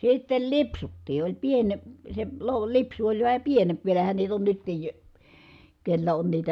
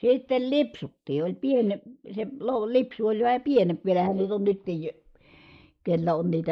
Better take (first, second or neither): first